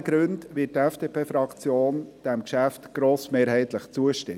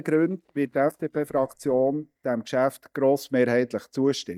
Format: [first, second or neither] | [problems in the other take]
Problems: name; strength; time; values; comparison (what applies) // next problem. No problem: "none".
first | noise reduction (neural mask model DeepFilterNet 3)